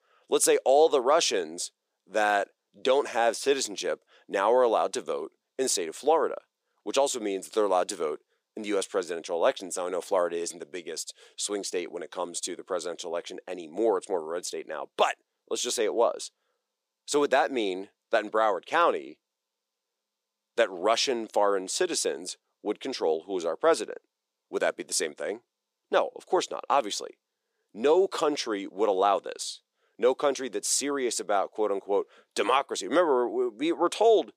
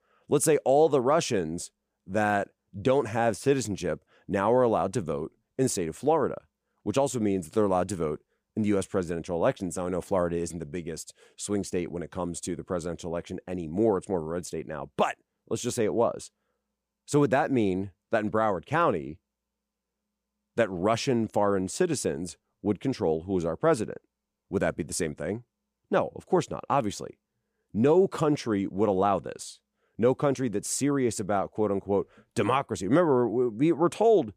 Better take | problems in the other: second | thin; somewhat; fading below 400 Hz

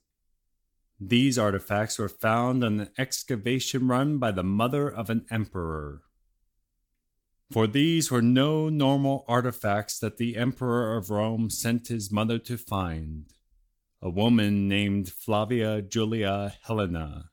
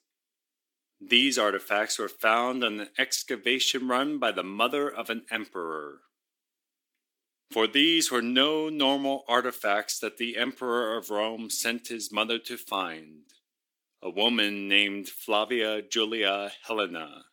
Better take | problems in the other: first | thin; somewhat; fading below 300 Hz

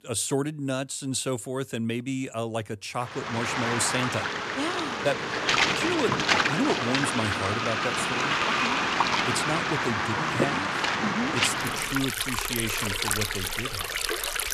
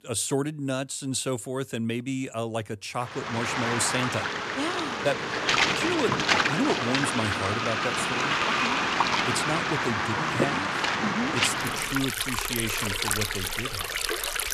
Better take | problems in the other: neither | rain or running water; very loud; from 3.5 s on; 5 dB above the speech; the same in both

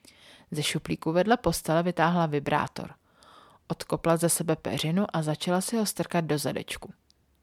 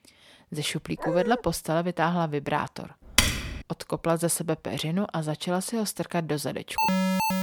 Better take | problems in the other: first | dog barking; noticeable; at 1 s; peak 3 dB below the speech // keyboard typing; loud; at 3 s; peak 6 dB above the speech // alarm; loud; at 7 s; peak 4 dB above the speech

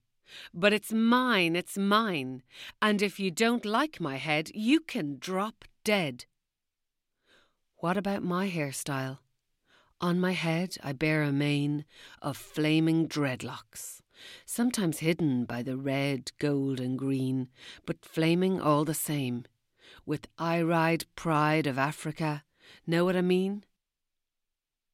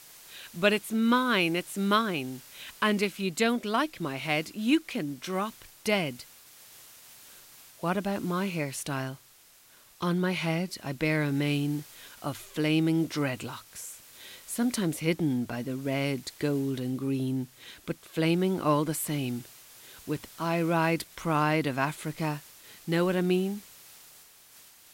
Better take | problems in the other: first | hiss; faint; throughout; 20 dB below the speech

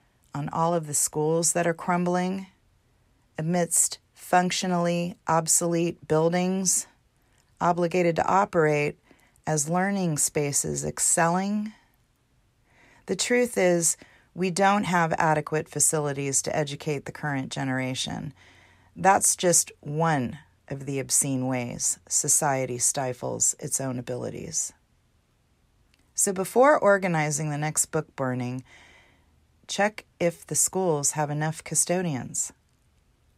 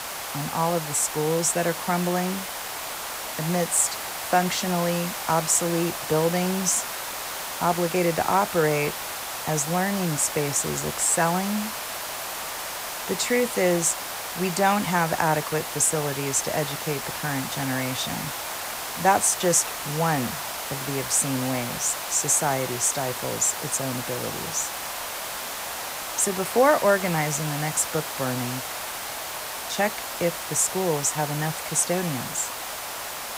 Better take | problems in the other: first | hiss; loud; throughout; 6 dB below the speech

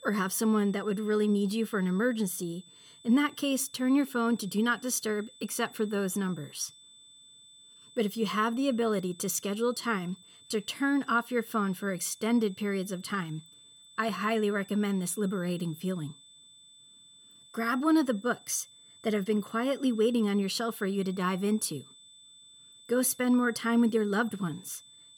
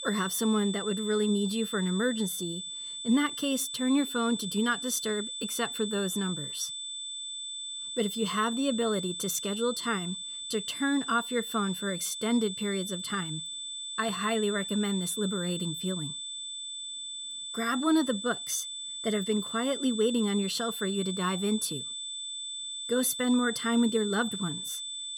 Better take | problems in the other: first | high-pitched whine; loud; throughout; 3.5 kHz, 5 dB below the speech; faint in the first

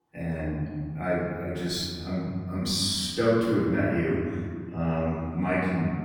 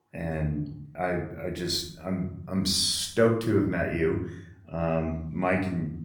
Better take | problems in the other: second | room echo; strong; dies away in 2.2 s; slight in the second // off-mic speech; far; somewhat distant in the second

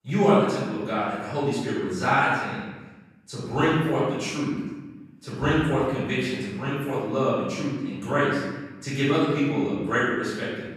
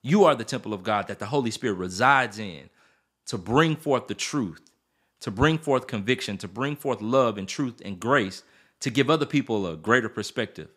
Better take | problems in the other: second | room echo; strong; dies away in 1.2 s // off-mic speech; far

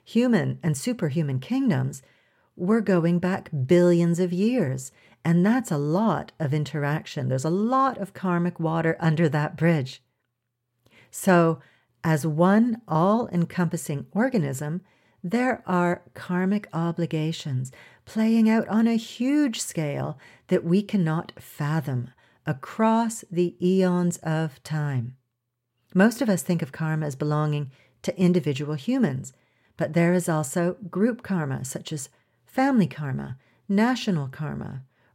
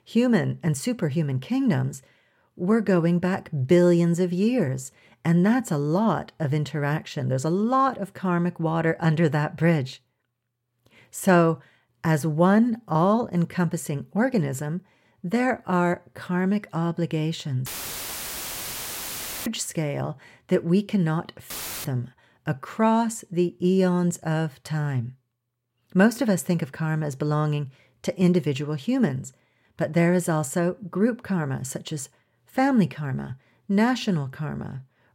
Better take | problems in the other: first | audio cutting out; filled with static; at 18 s for 2 s and at 22 s

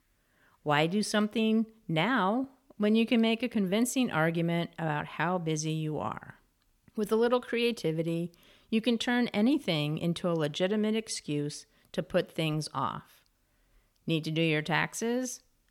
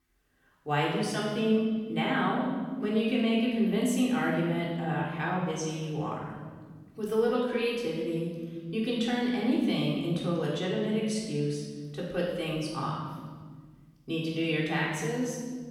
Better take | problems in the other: first | off-mic speech; far // room echo; noticeable; dies away in 1.6 s

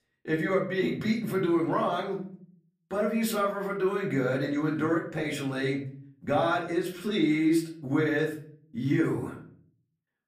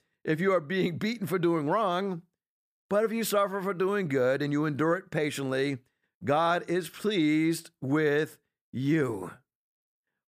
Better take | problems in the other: second | room echo; slight; dies away in 0.5 s // off-mic speech; far

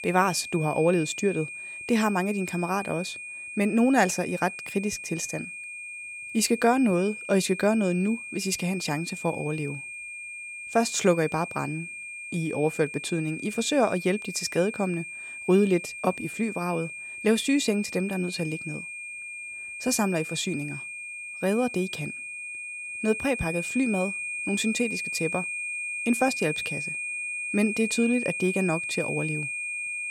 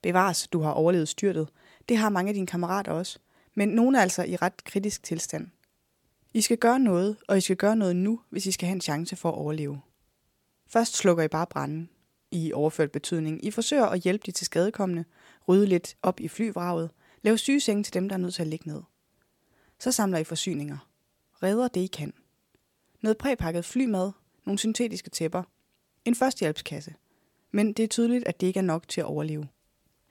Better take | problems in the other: second | high-pitched whine; loud; throughout; 2.5 kHz, 7 dB below the speech

